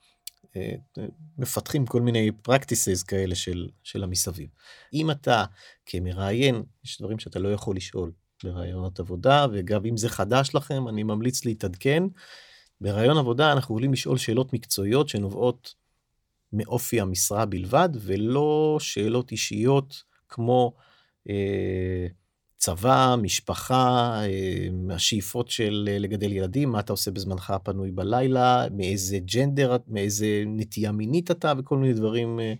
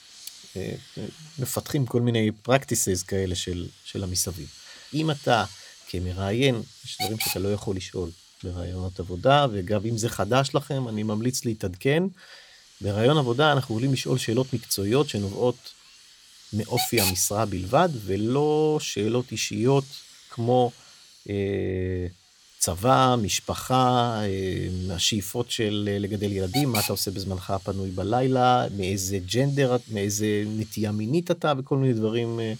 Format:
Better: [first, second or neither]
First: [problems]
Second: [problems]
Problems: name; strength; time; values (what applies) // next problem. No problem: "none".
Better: first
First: none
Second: hiss; noticeable; throughout; 10 dB below the speech